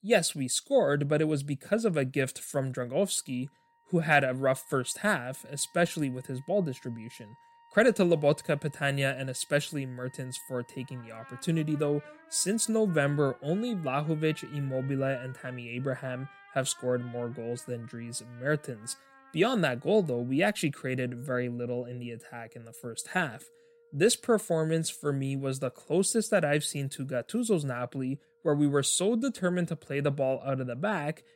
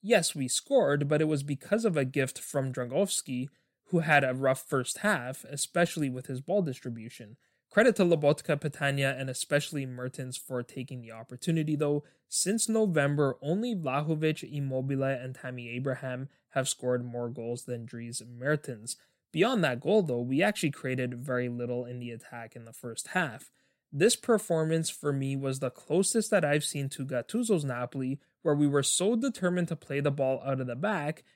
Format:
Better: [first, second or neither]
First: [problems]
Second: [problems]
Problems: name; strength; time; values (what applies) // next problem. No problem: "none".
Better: second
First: background music; faint; throughout; 25 dB below the speech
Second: none